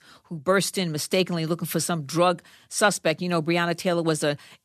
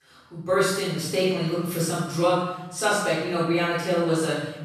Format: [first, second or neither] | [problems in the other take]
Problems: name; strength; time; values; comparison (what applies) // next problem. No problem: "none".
first | off-mic speech; far // room echo; strong; dies away in 0.9 s